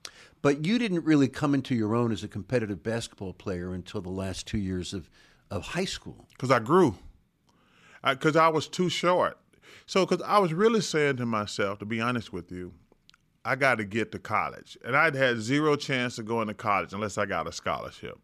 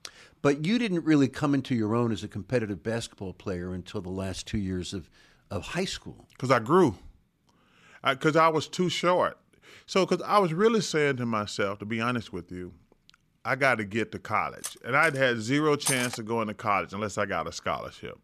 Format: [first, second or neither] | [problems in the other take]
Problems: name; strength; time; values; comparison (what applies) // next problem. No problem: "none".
first | clattering dishes; noticeable; from 15 to 16 s; peak 2 dB below the speech